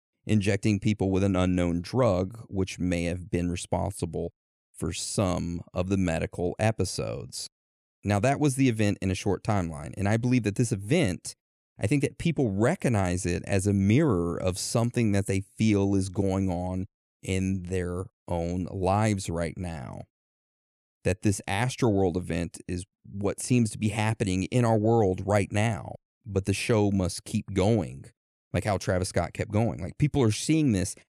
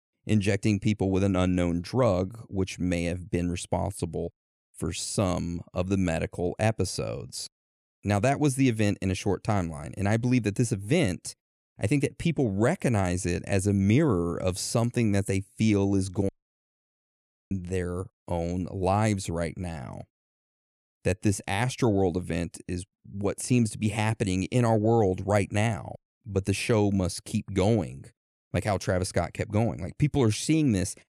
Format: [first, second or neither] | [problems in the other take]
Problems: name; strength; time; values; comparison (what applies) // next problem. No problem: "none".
first | audio cutting out; at 16 s for 1 s